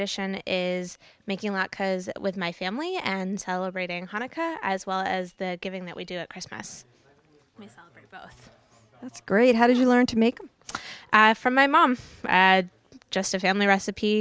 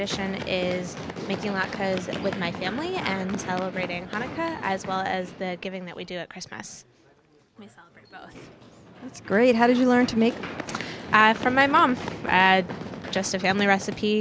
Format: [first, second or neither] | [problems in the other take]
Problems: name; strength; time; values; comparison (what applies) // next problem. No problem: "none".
first | background sound (Run); 11 dB below the speech